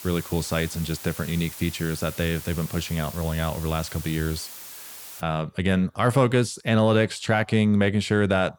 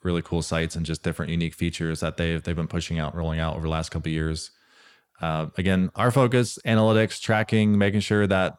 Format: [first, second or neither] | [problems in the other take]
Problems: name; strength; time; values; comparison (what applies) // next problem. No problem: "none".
second | hiss; noticeable; until 5 s; 15 dB below the speech